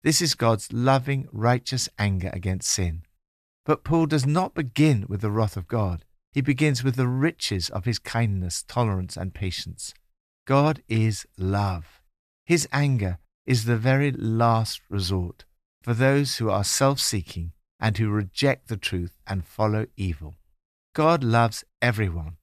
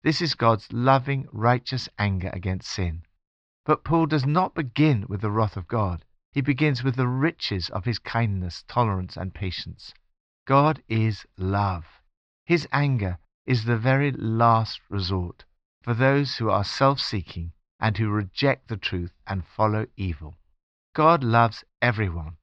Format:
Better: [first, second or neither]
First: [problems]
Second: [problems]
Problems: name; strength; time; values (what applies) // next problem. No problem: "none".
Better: first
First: none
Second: muffled; very slightly; fading above 4.5 kHz